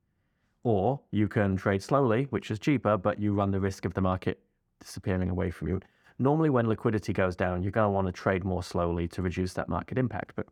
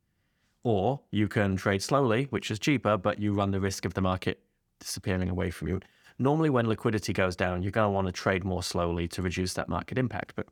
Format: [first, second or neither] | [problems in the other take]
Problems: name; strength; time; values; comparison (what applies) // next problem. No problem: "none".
second | muffled; slightly; fading above 2 kHz